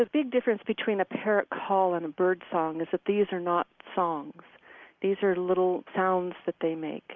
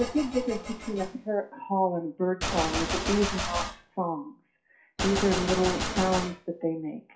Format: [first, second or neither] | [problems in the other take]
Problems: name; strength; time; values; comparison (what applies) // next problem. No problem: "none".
first | noise reduction (classical method WPE with log-MMSE)